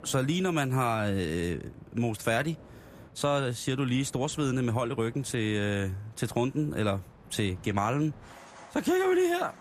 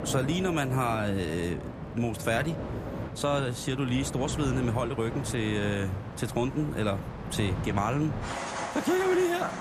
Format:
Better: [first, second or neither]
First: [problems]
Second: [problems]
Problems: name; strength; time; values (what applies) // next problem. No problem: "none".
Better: first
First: train or aircraft noise; faint; throughout; 20 dB below the speech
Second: train or aircraft noise; loud; throughout; 7 dB below the speech